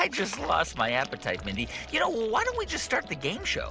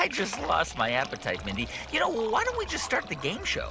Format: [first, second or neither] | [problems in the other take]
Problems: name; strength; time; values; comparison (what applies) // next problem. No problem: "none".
first | background sound (Liquid); 15 dB below the speech